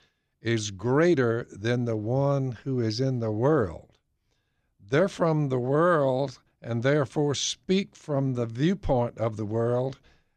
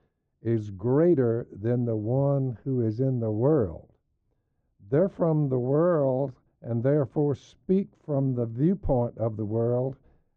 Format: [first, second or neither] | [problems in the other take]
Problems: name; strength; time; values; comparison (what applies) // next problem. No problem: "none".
first | muffled; very; fading above 1.5 kHz